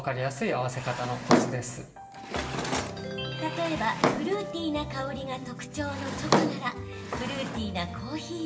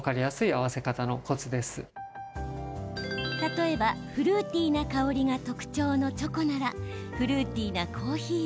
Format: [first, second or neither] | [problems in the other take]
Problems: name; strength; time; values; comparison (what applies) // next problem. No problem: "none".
second | background sound (Drawer open or close); as loud as the speech // room echo; dies away in 0.8 s